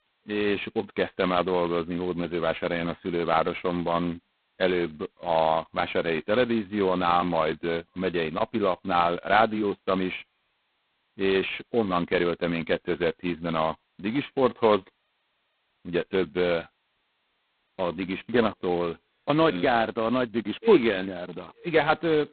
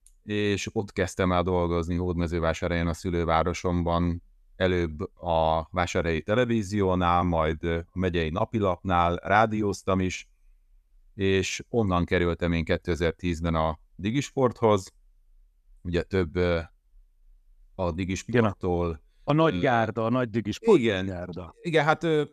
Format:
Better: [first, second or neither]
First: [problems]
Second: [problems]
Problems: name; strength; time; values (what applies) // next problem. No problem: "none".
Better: second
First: phone-call audio; poor line; nothing above 4 kHz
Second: none